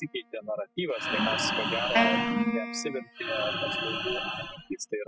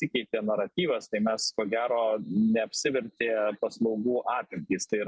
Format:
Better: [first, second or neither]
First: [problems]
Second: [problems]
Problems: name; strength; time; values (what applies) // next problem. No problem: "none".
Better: second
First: noise reduction (classical method spectral subtraction)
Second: none